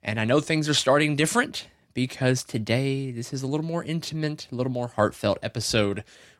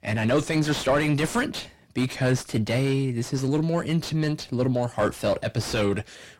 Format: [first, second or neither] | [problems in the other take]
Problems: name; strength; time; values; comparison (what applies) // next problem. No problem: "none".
first | distortion; heavy; 6 dB below the speech